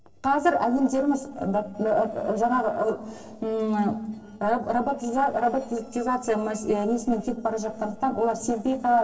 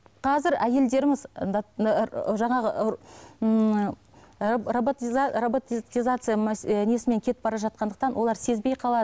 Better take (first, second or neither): second